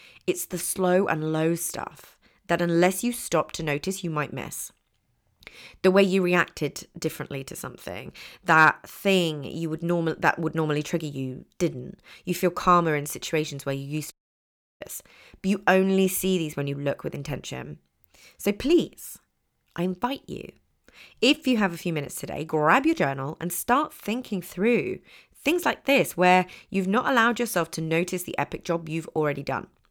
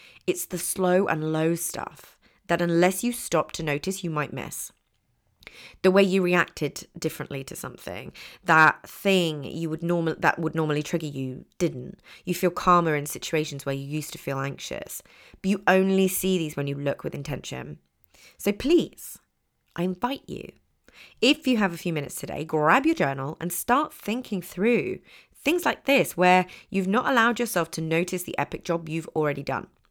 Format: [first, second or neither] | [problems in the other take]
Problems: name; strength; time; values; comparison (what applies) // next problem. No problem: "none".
second | audio cutting out; at 14 s for 0.5 s